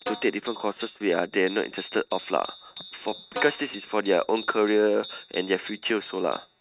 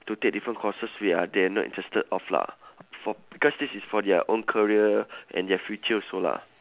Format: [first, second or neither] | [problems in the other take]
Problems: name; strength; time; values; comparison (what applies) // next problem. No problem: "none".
second | noise reduction (neural mask model RNNoise)